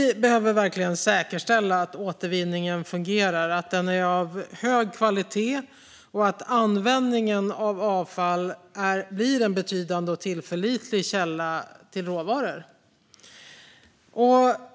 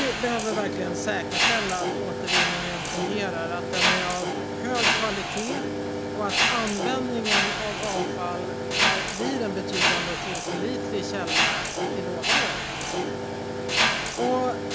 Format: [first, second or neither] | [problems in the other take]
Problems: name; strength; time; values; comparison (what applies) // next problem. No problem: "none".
first | background sound (Mechanisms); 5 dB above the speech